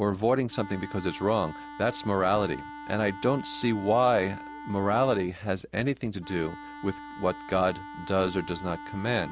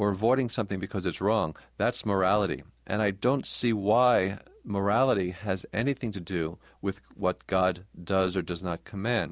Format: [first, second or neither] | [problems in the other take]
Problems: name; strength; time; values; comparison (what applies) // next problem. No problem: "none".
second | background sound (Wind instrument, woodwind instrument); 14 dB below the speech